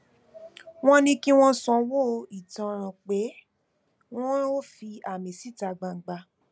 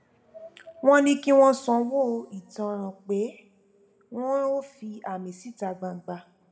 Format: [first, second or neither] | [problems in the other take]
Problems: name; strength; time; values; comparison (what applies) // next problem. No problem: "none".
first | room echo; dies away in 1.3 s